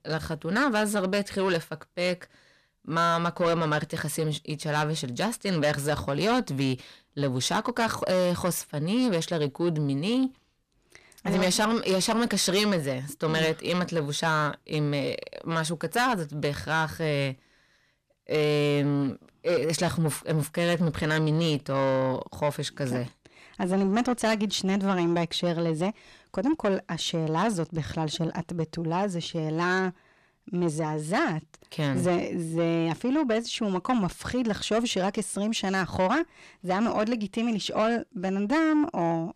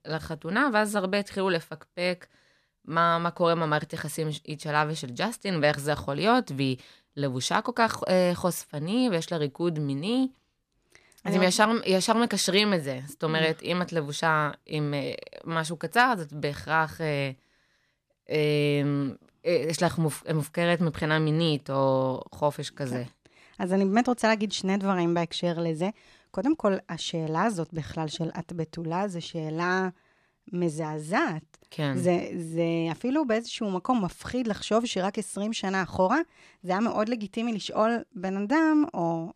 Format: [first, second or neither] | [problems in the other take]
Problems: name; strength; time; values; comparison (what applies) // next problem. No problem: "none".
second | distortion; slight; 10 dB below the speech